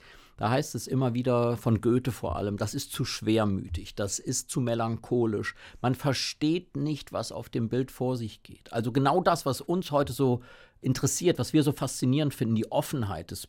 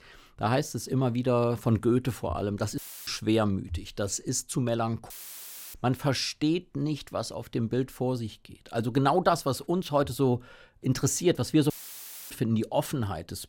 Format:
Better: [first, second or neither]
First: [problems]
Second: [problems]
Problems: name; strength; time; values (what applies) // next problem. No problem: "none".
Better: first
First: none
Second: audio cutting out; filled with static; at 3 s, at 5 s for 0.5 s and at 12 s for 0.5 s